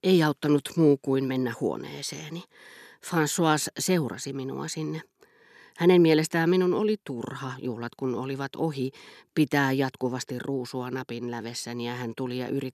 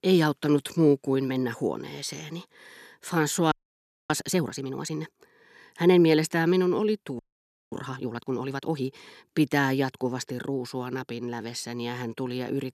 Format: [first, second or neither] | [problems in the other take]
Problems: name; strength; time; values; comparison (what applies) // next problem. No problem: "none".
first | audio freezing; at 3.5 s for 0.5 s and at 7 s for 0.5 s